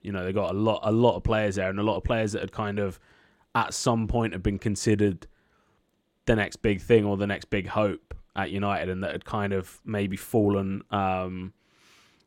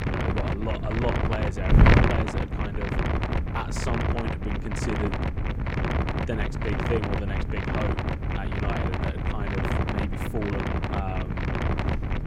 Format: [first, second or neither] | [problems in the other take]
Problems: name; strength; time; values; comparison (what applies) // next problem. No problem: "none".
first | wind noise on the microphone; heavy; 5 dB above the speech